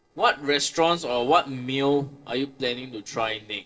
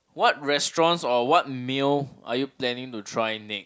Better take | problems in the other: second | noise reduction (neural separator model SepFormer DNS4)

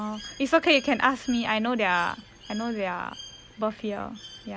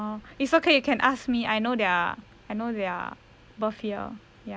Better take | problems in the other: second | background sound (Bird); 19 dB below the speech

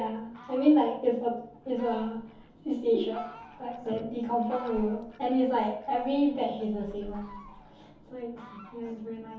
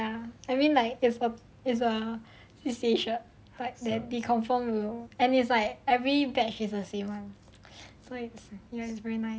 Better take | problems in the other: second | background sound (Fowl); 19 dB below the speech // room echo; dies away in 0.6 s

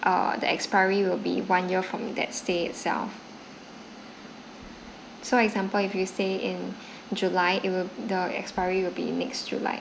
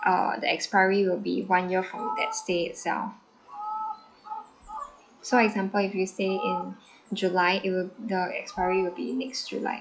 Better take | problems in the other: first | noise reduction (classical method log-MMSE)

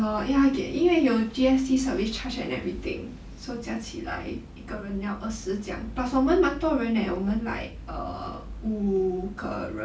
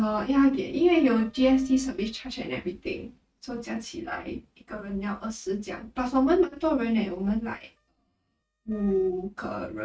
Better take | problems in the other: first | noise reduction (neural mask model RNNoise)

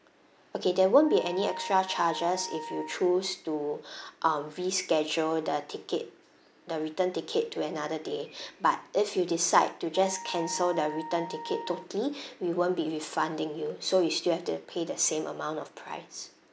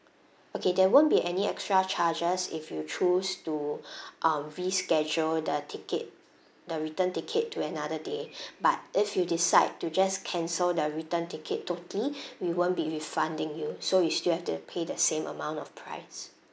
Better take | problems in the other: second | background sound (Wind instrument, woodwind instrument); 13 dB below the speech

